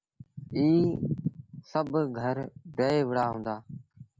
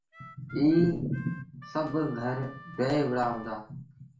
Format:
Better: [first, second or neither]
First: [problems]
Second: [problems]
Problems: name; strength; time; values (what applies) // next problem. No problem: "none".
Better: first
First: none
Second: background sound (Harmonica); 19 dB below the speech // room echo; dies away in 0.4 s